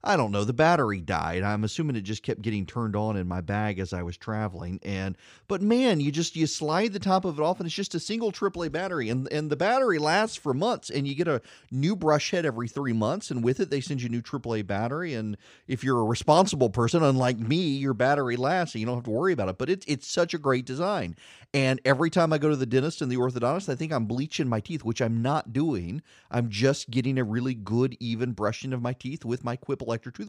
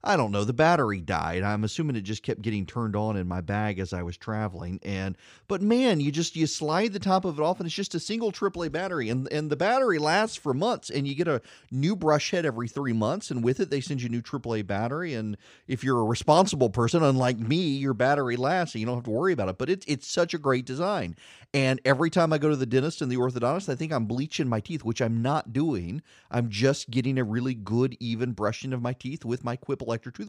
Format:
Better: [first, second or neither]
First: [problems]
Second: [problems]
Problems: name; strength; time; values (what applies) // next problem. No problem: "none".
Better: neither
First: none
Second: none